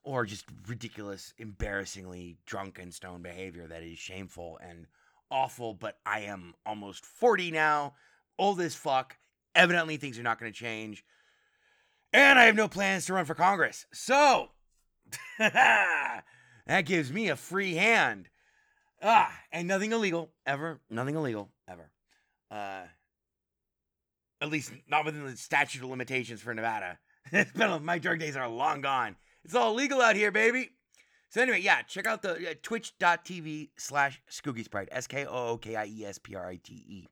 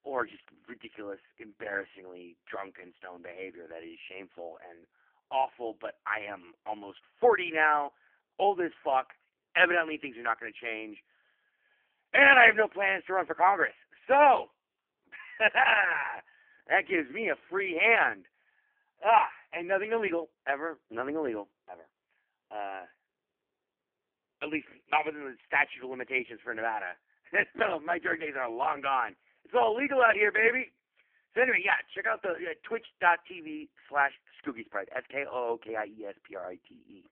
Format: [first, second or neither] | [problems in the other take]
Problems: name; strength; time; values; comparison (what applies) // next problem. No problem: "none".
first | phone-call audio; poor line